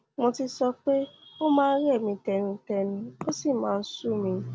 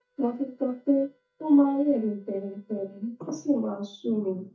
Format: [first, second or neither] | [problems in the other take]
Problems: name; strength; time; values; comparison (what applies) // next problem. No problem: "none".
first | noise reduction (neural mask model DeepFilterNet 3)